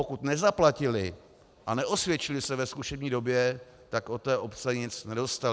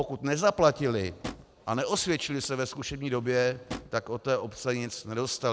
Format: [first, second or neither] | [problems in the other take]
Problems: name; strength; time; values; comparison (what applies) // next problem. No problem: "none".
first | background sound (Drawer open or close); 16 dB below the speech